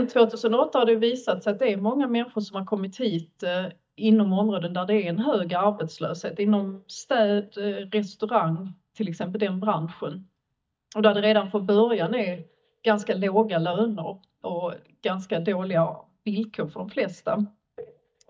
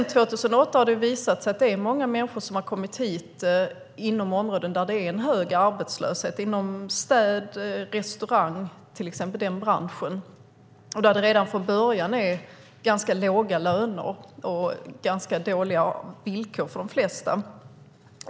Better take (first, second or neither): second